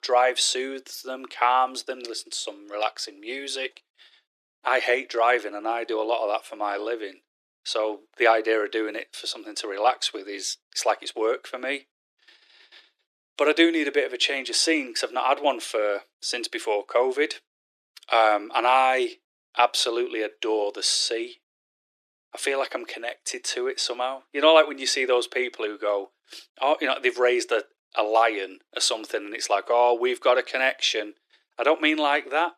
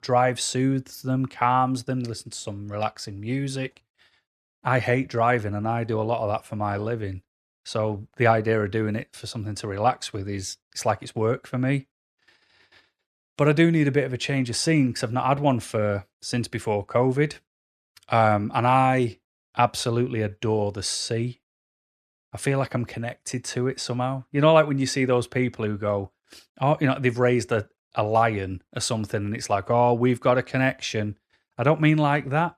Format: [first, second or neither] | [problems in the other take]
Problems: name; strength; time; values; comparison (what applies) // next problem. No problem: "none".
second | thin; very; fading below 300 Hz